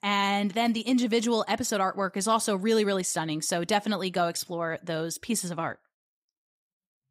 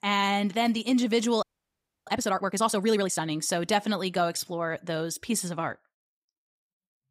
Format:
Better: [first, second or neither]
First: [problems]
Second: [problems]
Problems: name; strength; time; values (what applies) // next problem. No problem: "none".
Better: first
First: none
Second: audio freezing; at 1.5 s for 0.5 s